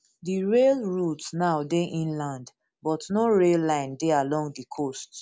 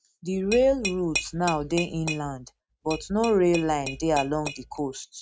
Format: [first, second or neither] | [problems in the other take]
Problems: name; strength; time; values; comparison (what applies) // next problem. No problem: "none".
first | noise reduction (neural mask model RNNoise)